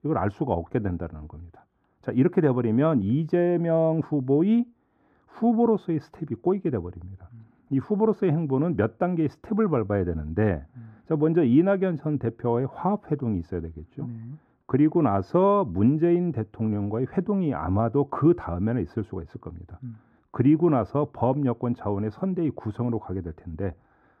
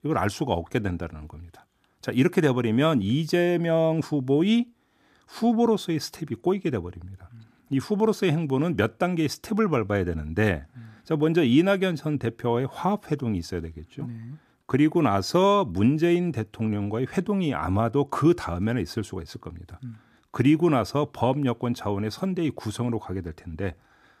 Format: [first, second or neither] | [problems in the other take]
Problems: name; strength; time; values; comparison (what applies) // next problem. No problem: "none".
second | muffled; very; fading above 2.5 kHz